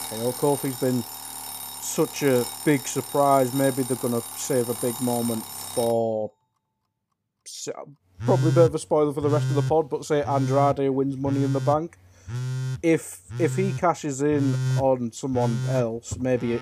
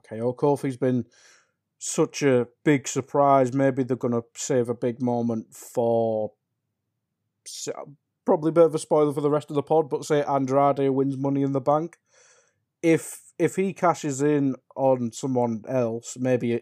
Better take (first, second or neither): second